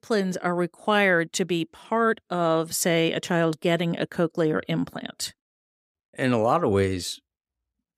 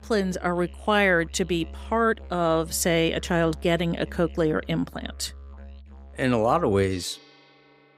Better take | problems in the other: first | background music; noticeable; throughout; 20 dB below the speech

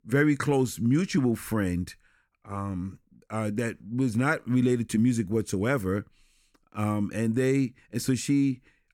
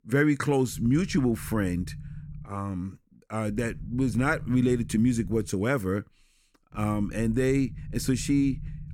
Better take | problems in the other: first | low rumble; faint; from 0.5 to 2.5 s, from 3.5 to 5.5 s and from 7 s on; 25 dB below the speech

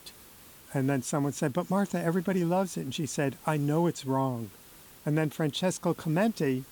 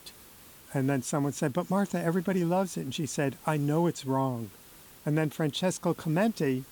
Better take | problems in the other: neither | hiss; faint; throughout; 20 dB below the speech; the same in both

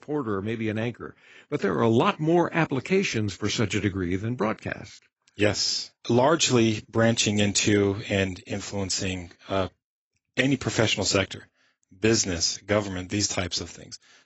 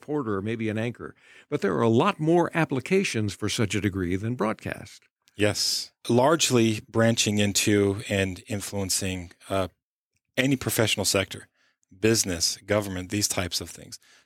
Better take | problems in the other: second | garbled, watery; badly; nothing above 7.5 kHz

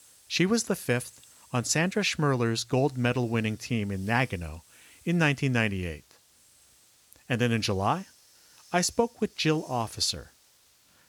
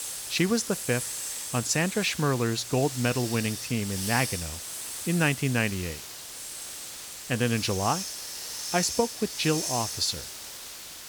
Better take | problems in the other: first | hiss; loud; throughout; 6 dB below the speech; faint in the first

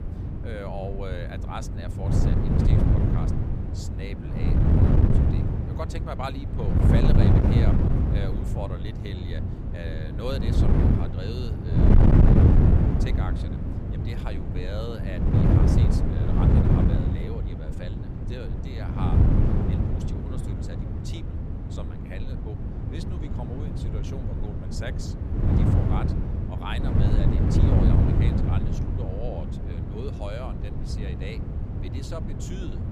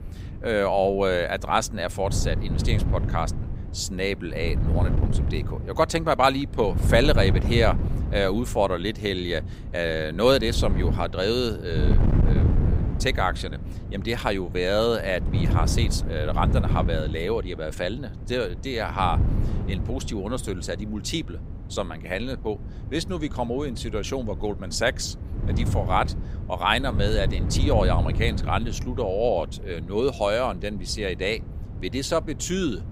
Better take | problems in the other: second | wind noise on the microphone; heavy; 5 dB above the speech; occasional gusts in the second

